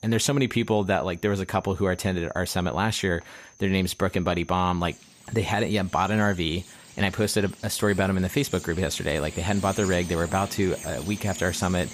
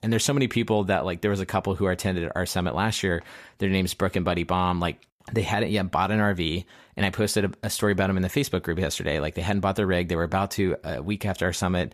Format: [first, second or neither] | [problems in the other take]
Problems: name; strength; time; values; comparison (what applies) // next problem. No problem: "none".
second | animal sounds; noticeable; throughout; 15 dB below the speech